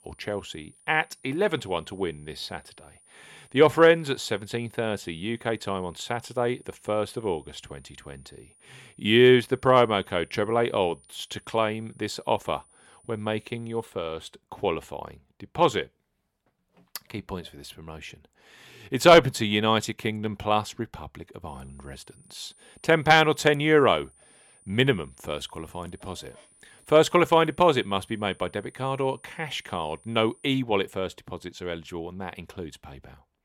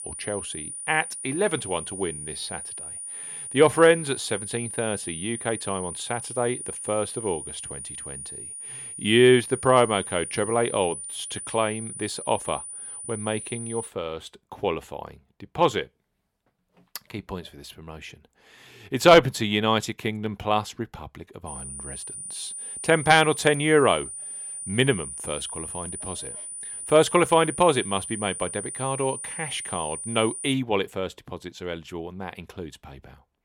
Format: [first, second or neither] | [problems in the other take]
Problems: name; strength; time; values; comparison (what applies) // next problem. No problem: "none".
first | high-pitched whine; loud; until 14 s and from 21 to 31 s; 9.5 kHz, 9 dB below the speech; faint in the first